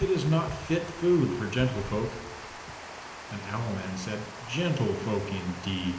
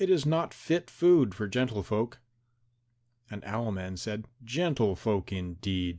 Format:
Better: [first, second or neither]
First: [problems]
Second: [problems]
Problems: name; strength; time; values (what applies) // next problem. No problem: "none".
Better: second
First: background sound (Water); 11 dB below the speech // room echo; dies away in 0.8 s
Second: none